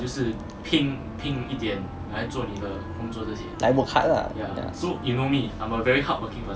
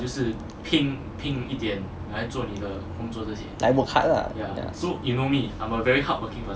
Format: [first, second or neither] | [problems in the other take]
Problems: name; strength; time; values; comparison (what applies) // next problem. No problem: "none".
second | background sound (Wind instrument, woodwind instrument); 17 dB below the speech